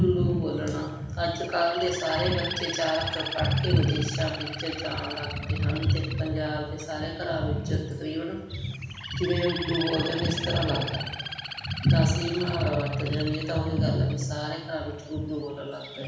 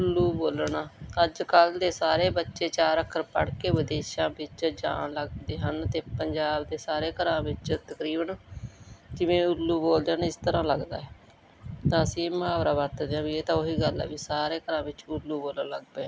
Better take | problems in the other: second | background sound (Bird); 11 dB below the speech // room echo; dies away in 1.1 s

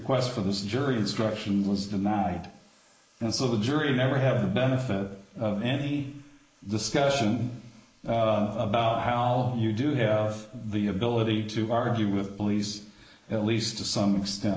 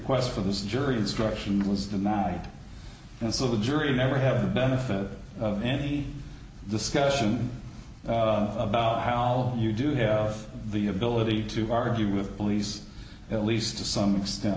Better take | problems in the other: second | noise reduction (neural mask model Resemble Enhance denoiser)

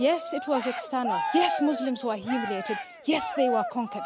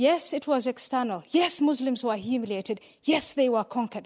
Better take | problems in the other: second | background sound (Cheering); 4 dB below the speech

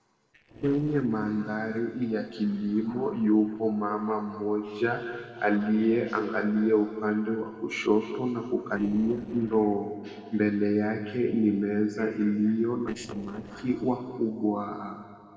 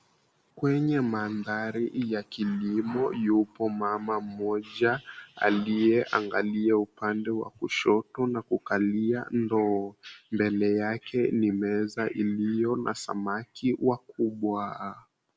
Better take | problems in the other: second | noise reduction (neural separator model SepFormer DNS4)

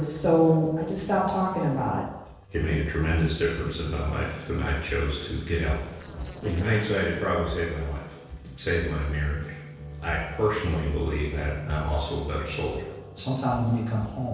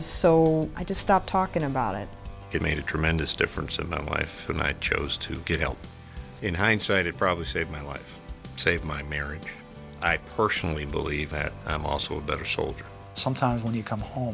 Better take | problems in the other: second | noise reduction (neural separator model SepFormer DNS4)

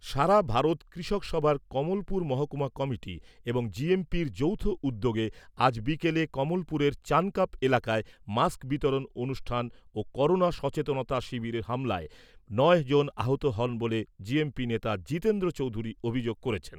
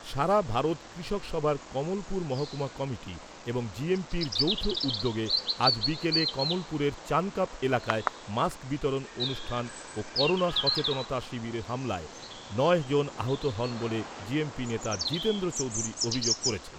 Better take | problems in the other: first | background sound (Bird vocalization, bird call, bird song); 5 dB below the speech

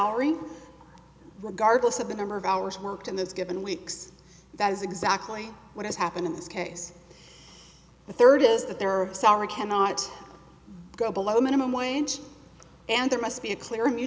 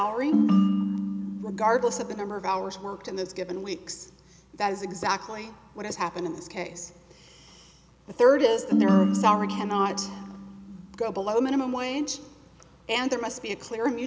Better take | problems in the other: first | background sound (Ringtone); 1 dB above the speech

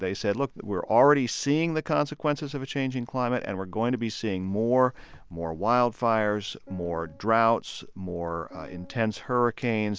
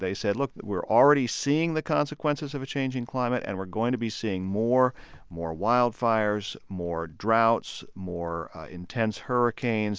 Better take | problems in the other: second | background sound (Piano); 20 dB below the speech

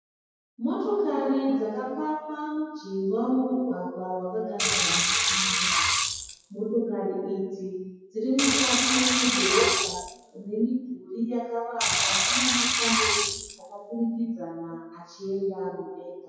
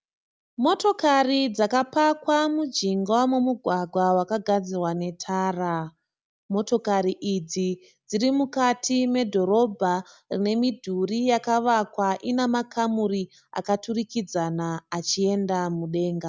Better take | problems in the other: second | noise reduction (classical method WPE with log-MMSE)

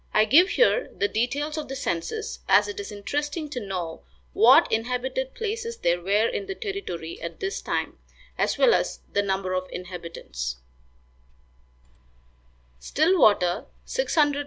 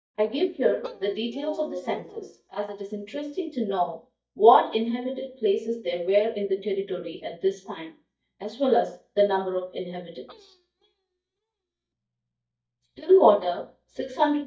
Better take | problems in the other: first | noise reduction (neural mask model DeepFilterNet 3)

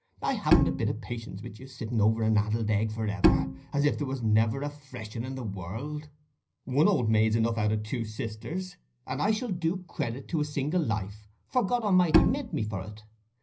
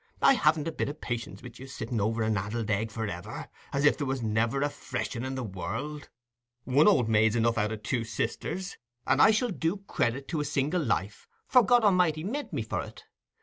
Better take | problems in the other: second | background sound (Bowed string instrument); 1 dB above the speech // room echo; dies away in 0.4 s

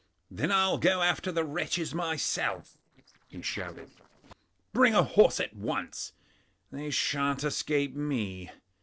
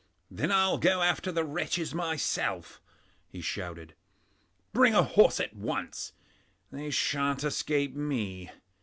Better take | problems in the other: second | noise reduction (neural separator model SepFormer DNS4)

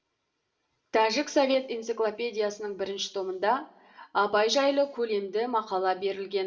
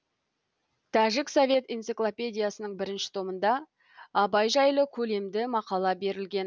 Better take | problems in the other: second | room echo; dies away in 0.7 s

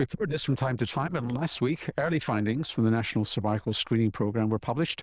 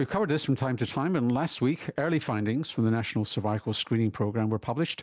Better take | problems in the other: second | noise reduction (neural diffusion model UNIVERSE++)

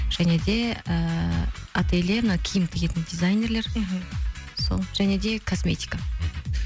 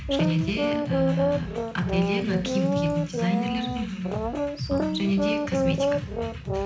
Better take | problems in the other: first | background sound (Brass instrument); as loud as the speech // room echo; dies away in 0.9 s

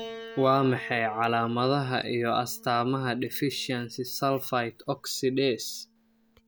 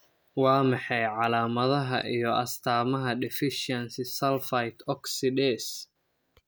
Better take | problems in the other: second | background sound (Piano); 20 dB below the speech

